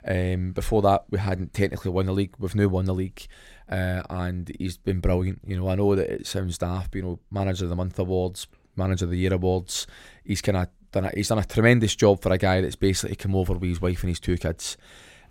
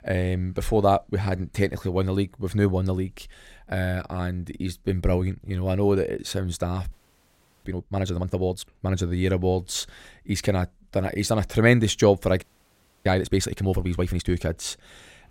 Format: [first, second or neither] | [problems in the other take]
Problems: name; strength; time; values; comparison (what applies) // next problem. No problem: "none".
first | audio freezing; at 7 s for 0.5 s and at 12 s for 0.5 s